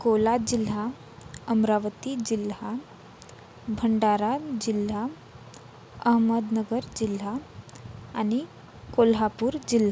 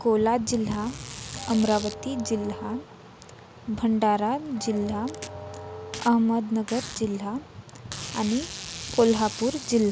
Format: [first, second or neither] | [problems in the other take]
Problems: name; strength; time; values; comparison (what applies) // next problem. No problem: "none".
first | background sound (Musical instrument + Packing tape, duct tape); 13 dB below the speech